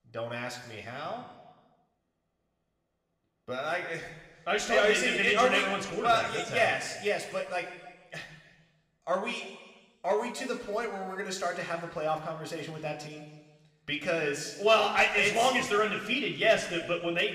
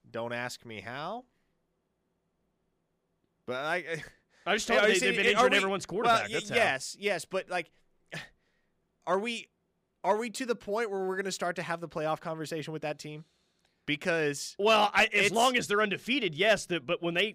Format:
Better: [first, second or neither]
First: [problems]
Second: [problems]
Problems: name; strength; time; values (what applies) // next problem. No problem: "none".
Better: second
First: room echo; slight; dies away in 1.2 s // off-mic speech; somewhat distant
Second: none